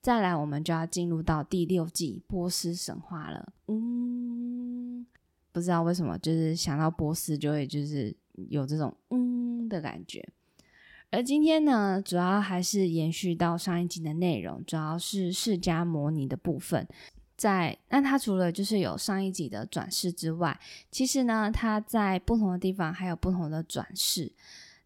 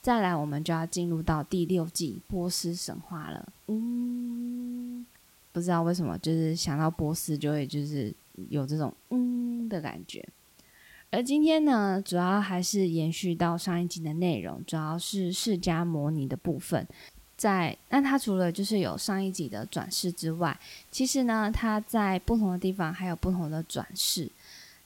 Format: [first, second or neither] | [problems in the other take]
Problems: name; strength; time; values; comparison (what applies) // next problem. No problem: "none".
first | hiss; faint; throughout; 25 dB below the speech